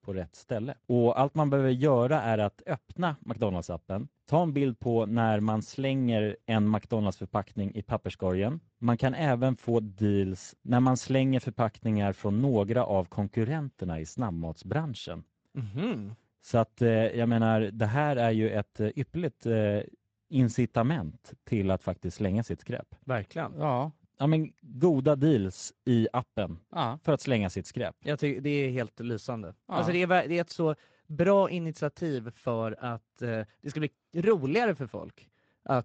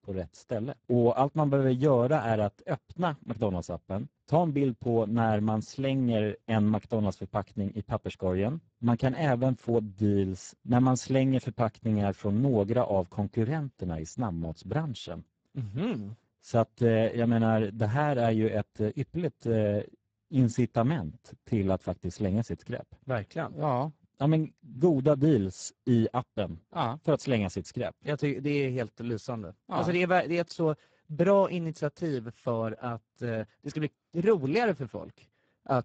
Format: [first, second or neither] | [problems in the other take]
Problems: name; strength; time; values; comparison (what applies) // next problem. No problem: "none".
first | garbled, watery; badly; nothing above 7.5 kHz; slightly in the first